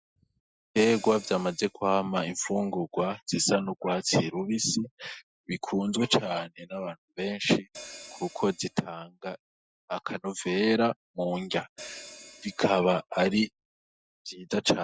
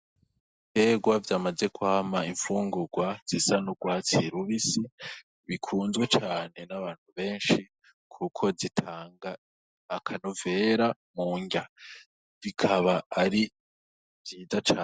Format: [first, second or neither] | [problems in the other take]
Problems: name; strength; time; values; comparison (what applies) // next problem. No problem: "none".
second | noise reduction (classical method Wiener filter)